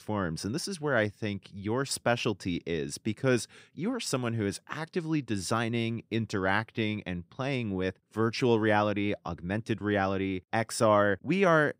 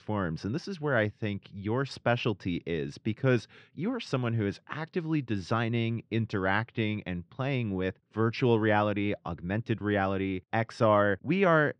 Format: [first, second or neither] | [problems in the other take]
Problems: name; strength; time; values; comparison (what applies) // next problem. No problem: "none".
first | muffled; slightly; fading above 4 kHz